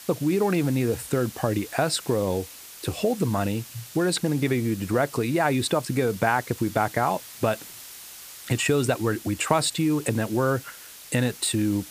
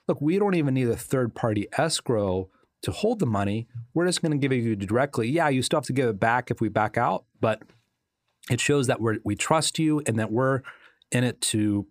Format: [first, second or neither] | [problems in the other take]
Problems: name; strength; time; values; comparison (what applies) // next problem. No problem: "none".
second | hiss; noticeable; throughout; 15 dB below the speech